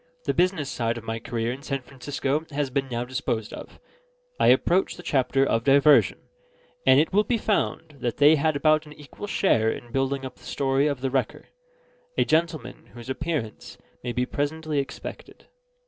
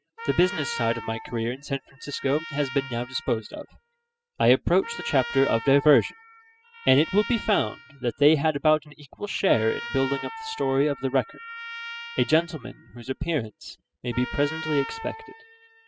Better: first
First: none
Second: noise reduction (classical method spectral subtraction)

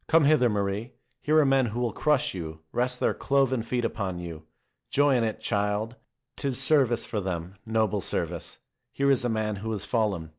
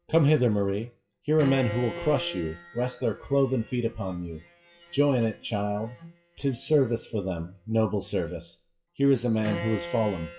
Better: first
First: none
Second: noise reduction (classical method WPE with log-MMSE)

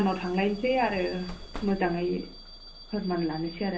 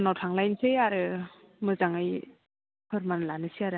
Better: second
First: background sound (Bus / Alarm); 14 dB below the speech // room echo; dies away in 0.3 s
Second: none

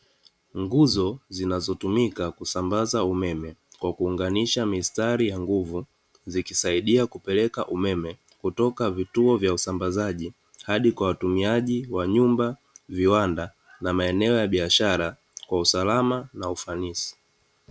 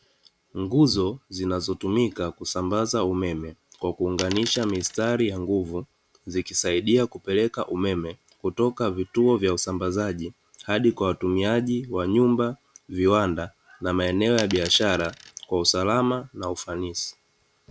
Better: first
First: none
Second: background sound (Coin (dropping)); 12 dB below the speech

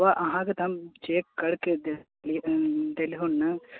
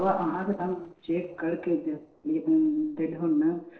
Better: first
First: none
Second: noise reduction (neural separator model SepFormer DNS4)

